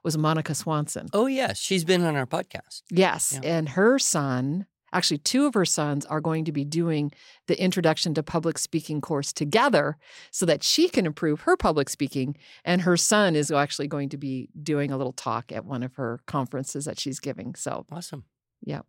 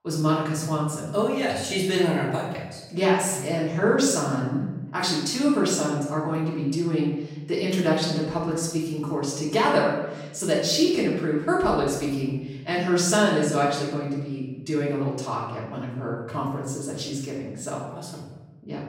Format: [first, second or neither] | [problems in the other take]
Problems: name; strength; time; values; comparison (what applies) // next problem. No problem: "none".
first | room echo; noticeable; dies away in 0.9 s // off-mic speech; far